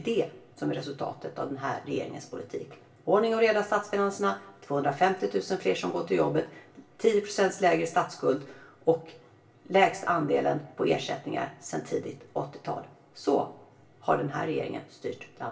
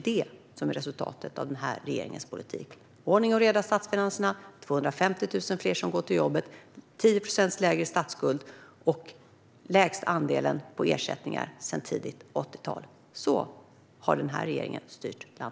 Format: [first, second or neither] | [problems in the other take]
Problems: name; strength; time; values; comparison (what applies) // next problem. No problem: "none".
second | room echo; dies away in 0.3 s